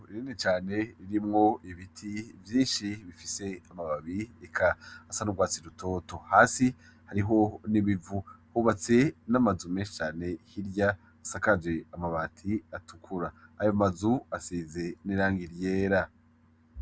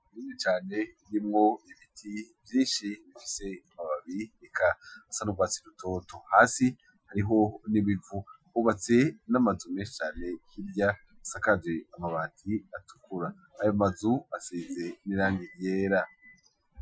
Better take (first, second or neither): first